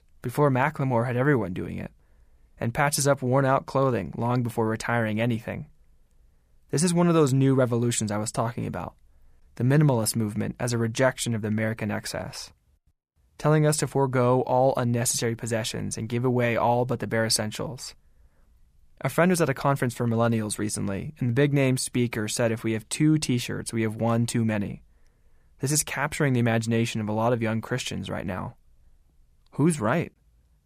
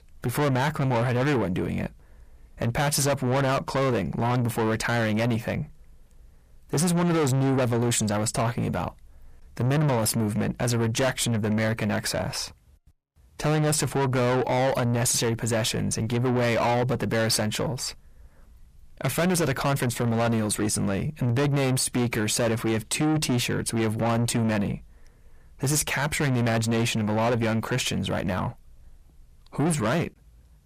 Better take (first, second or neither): first